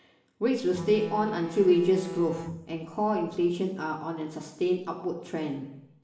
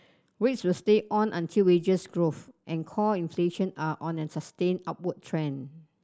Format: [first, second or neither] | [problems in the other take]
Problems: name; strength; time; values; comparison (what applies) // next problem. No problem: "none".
second | background sound (Bowed string instrument); 12 dB below the speech // room echo; dies away in 0.8 s